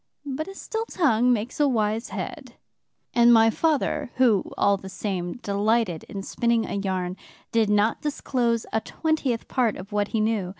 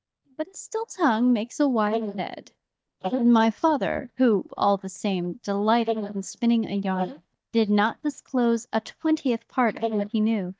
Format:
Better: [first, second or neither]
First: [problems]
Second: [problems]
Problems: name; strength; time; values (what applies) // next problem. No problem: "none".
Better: first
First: none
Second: noise reduction (neural mask model DeepFilterNet 3)